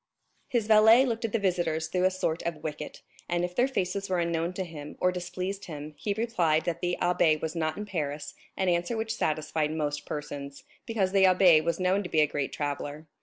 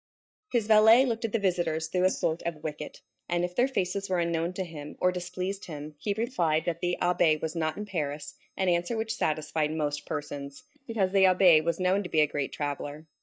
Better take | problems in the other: first | noise reduction (neural mask model DeepFilterNet 3)

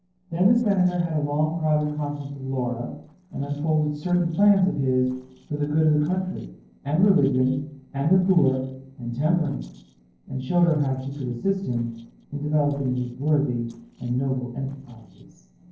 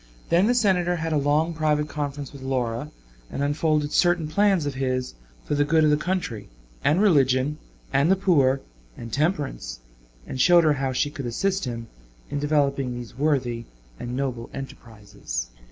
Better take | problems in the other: second | noise reduction (neural separator model SepFormer DNS4)

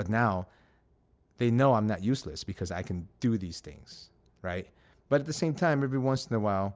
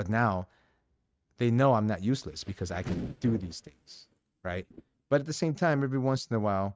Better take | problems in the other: first | noise reduction (neural mask model RNNoise)

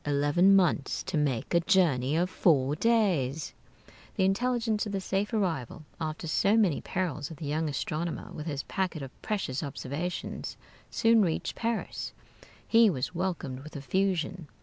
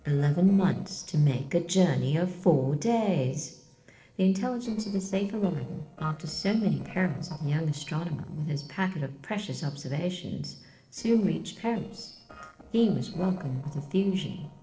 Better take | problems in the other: first | noise reduction (neural separator model SepFormer DNS4)

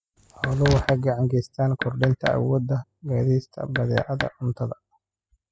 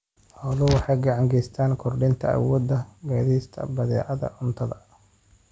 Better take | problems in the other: second | noise reduction (classical method spectral subtraction)

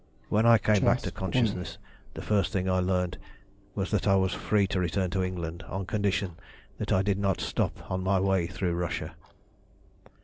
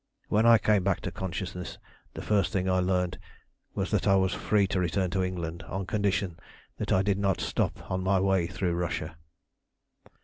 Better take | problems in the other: second | background sound (Clock); 11 dB below the speech

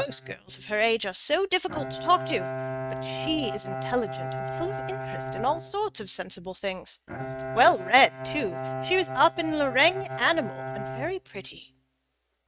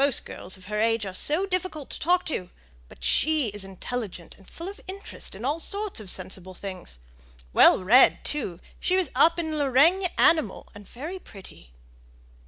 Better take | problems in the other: second | noise reduction (neural mask model RNNoise)

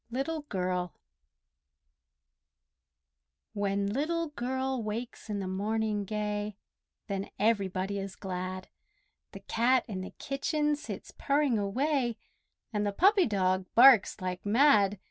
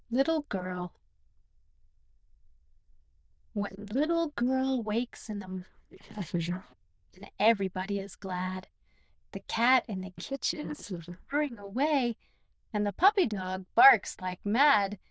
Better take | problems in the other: first | noise reduction (neural diffusion model UNIVERSE++)

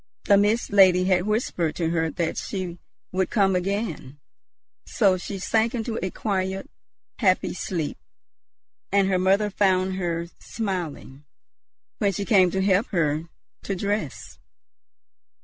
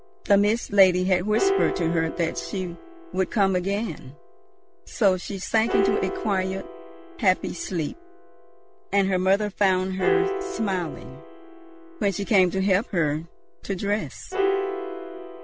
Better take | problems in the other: first | background sound (Piano); 6 dB below the speech

